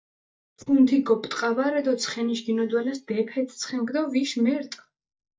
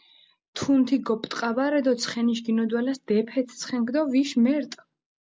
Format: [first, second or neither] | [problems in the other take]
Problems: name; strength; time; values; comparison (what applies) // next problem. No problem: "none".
second | noise reduction (neural mask model DeepFilterNet 3)